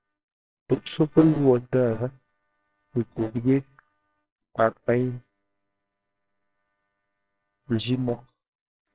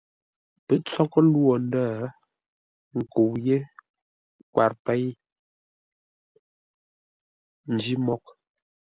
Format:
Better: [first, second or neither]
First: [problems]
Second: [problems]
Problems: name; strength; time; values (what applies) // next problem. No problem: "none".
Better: second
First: noise reduction (neural separator model SepFormer WHAMR!)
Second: none